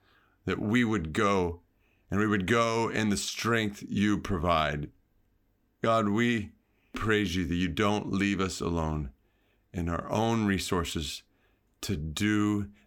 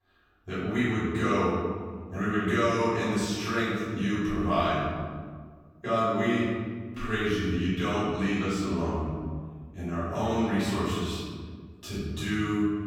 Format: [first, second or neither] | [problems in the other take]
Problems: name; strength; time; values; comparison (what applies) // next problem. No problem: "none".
first | off-mic speech; far // room echo; strong; dies away in 1.7 s